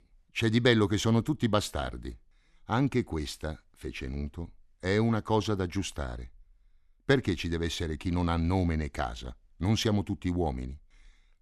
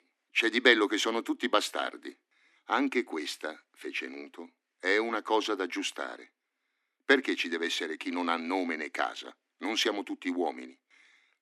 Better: first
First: none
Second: thin; somewhat; fading below 250 Hz

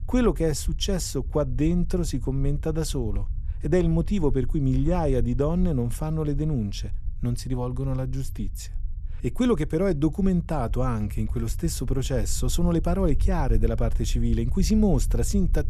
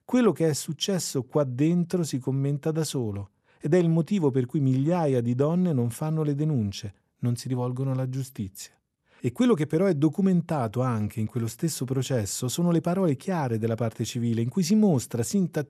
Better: second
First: low rumble; faint; throughout; 25 dB below the speech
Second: none

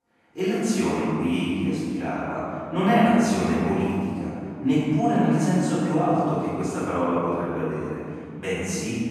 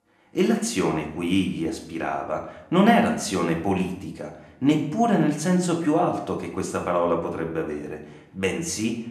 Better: second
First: room echo; strong; dies away in 2.6 s // off-mic speech; far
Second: room echo; slight; dies away in 0.6 s // off-mic speech; somewhat distant

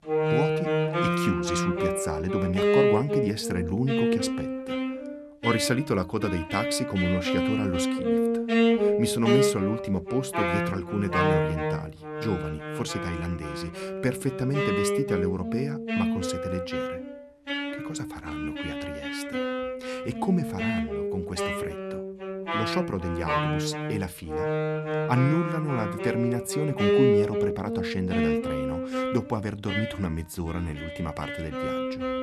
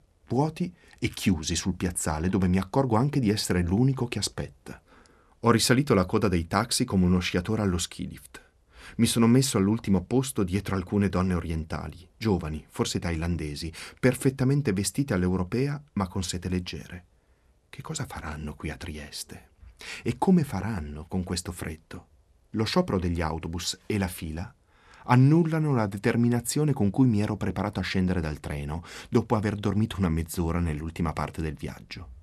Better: second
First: background music; very loud; throughout; 2 dB above the speech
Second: none

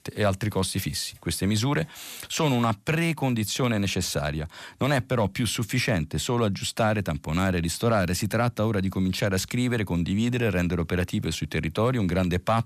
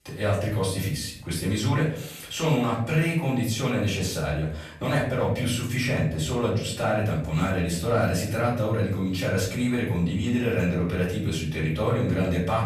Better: first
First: none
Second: off-mic speech; far // room echo; noticeable; dies away in 0.5 s

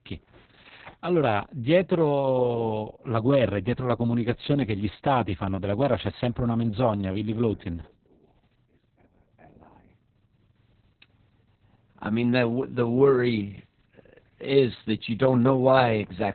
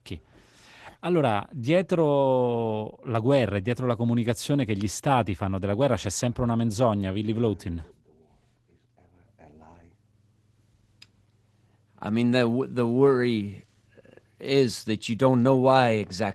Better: second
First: garbled, watery; badly; nothing above 4 kHz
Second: garbled, watery; slightly; nothing above 13 kHz

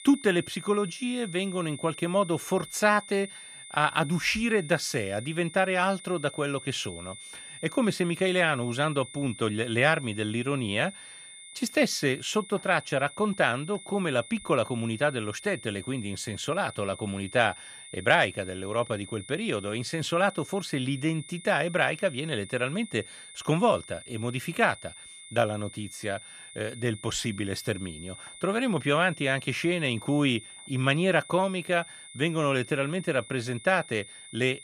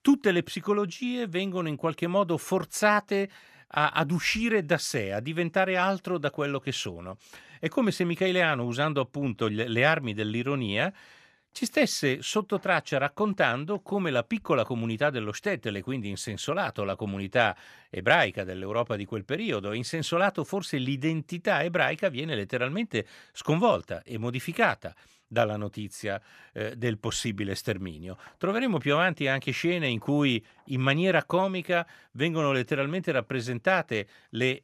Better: second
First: high-pitched whine; noticeable; throughout; 9.5 kHz, 15 dB below the speech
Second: none

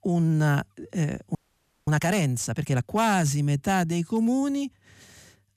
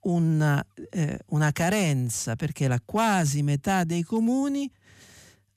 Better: second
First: audio freezing; at 1.5 s for 0.5 s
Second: none

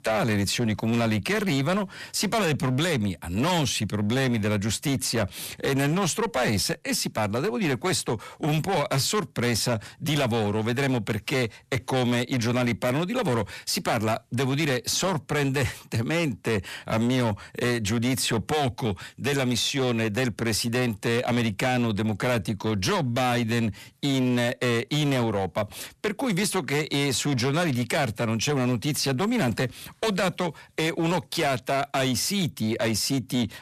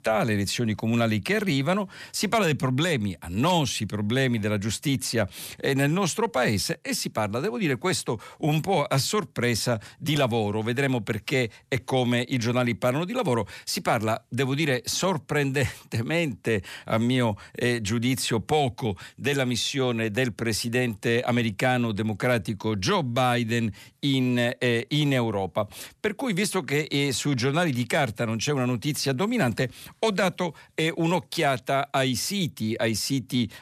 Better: second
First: distortion; slight; 19% of the sound clipped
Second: none

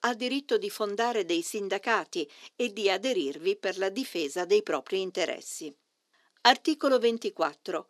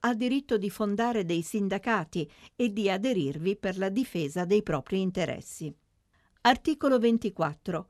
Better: second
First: thin; somewhat; fading below 300 Hz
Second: none

